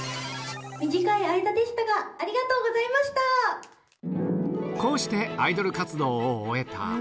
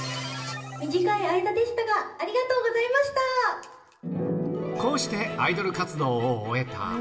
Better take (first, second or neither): first